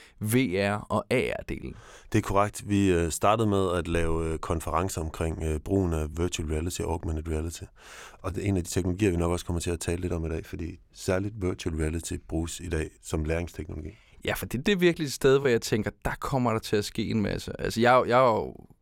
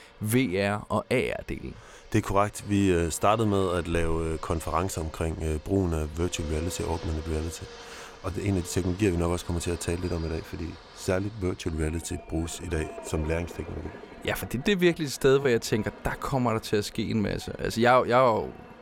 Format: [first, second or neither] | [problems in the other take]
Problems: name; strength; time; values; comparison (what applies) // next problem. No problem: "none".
first | train or aircraft noise; noticeable; throughout; 20 dB below the speech